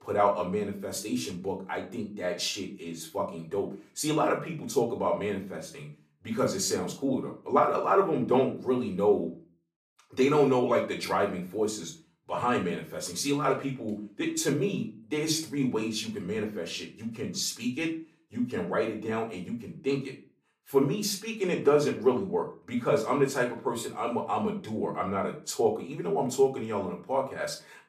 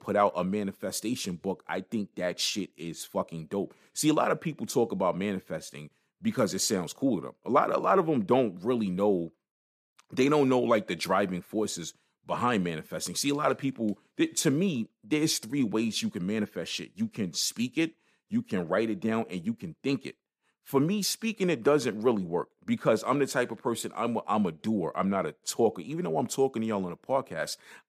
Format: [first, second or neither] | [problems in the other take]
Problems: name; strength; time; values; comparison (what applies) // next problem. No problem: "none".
second | off-mic speech; far // room echo; very slight; dies away in 0.3 s